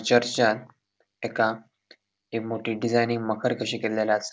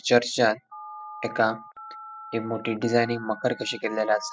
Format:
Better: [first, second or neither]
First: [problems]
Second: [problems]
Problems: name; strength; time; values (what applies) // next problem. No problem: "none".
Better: first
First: none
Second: noise reduction (classical method spectral subtraction)